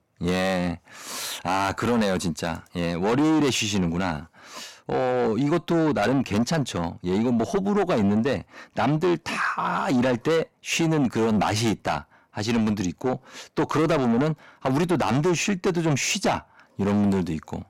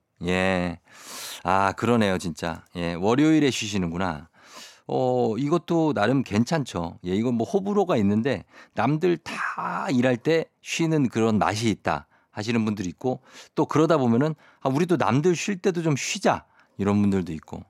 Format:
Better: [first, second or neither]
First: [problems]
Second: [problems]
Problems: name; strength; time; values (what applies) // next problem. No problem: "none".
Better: second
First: distortion; heavy; 7 dB below the speech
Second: none